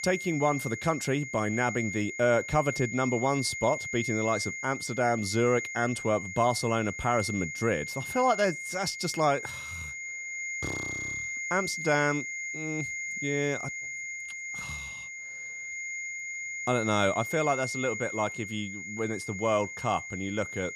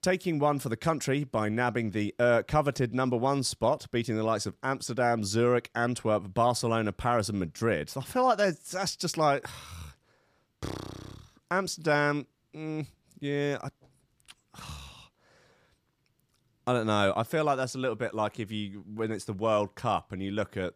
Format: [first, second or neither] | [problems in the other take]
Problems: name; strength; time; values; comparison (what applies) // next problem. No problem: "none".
second | high-pitched whine; loud; throughout; 2 kHz, 6 dB below the speech